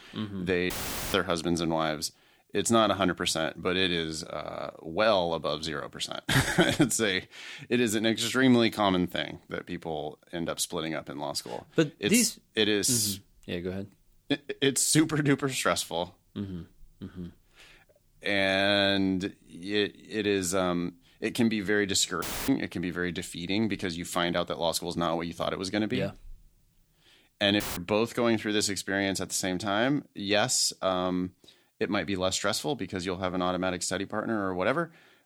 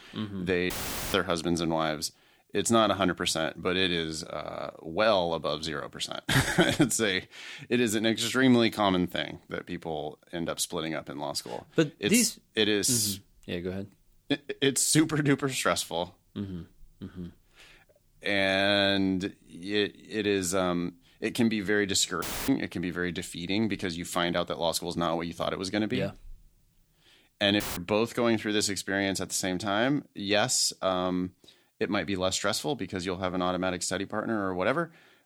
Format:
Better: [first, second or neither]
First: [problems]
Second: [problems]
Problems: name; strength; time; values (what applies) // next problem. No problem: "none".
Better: neither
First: audio cutting out; filled with static; at 0.5 s, at 22 s and at 28 s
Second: audio cutting out; filled with static; at 0.5 s, at 22 s and at 28 s